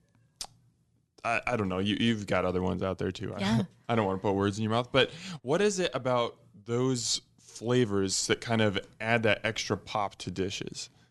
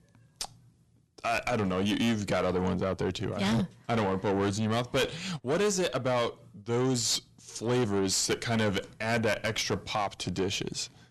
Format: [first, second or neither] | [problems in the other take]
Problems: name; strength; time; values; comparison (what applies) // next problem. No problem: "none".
first | distortion; heavy; 7 dB below the speech